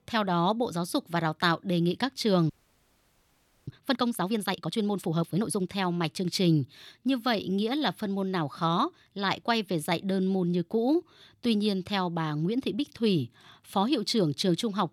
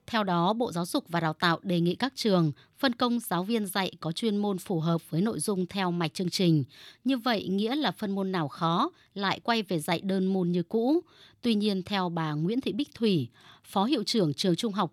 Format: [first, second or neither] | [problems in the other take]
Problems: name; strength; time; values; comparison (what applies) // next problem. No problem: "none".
second | audio freezing; at 2.5 s for 1 s